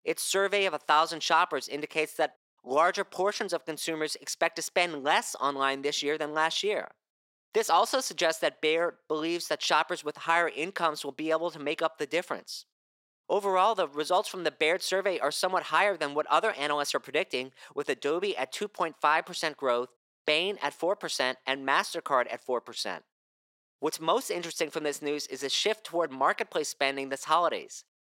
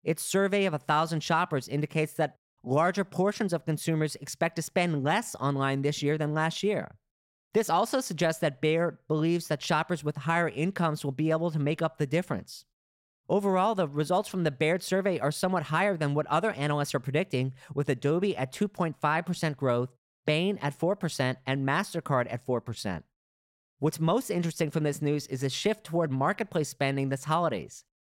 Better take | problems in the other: second | thin; very; fading below 350 Hz

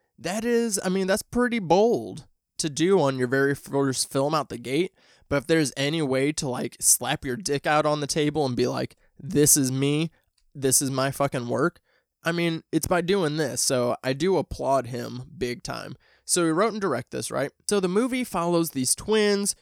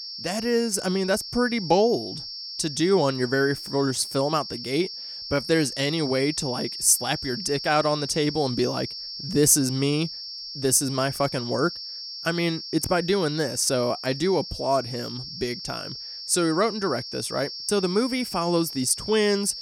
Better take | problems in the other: first | high-pitched whine; loud; throughout; 5.5 kHz, 9 dB below the speech

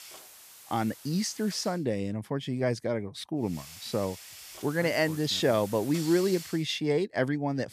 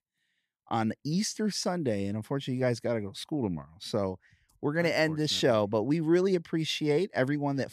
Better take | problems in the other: second | hiss; noticeable; until 1.5 s and from 3.5 to 6.5 s; 15 dB below the speech

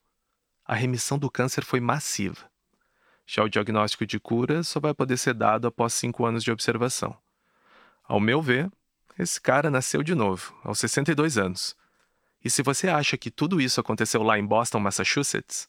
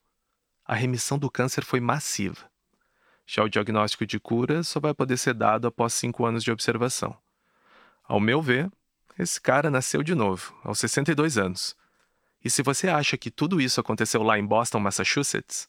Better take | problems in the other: neither | none

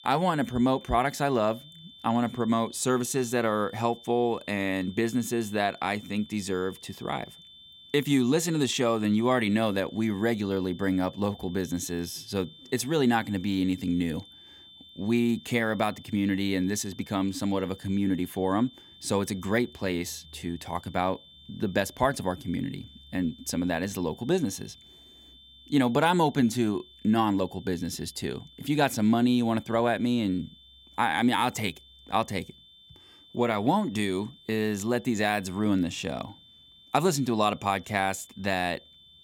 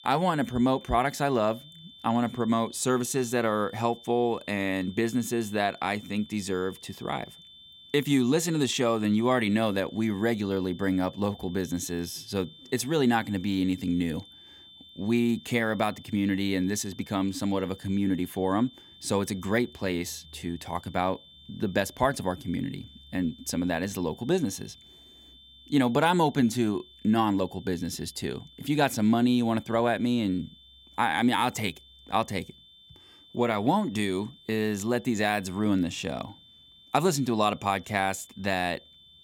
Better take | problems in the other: neither | high-pitched whine; faint; throughout; 3.5 kHz, 20 dB below the speech; the same in both

